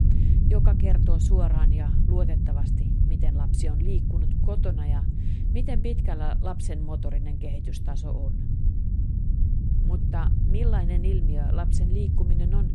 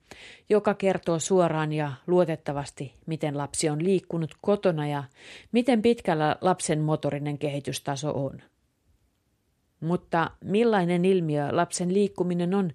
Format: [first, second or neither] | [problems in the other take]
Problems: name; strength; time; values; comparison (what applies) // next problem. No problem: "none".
second | low rumble; loud; throughout; 1 dB below the speech